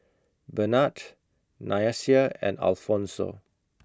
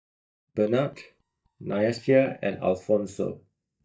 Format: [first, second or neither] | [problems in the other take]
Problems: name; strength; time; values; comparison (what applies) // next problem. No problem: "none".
first | noise reduction (neural mask model DeepFilterNet 3)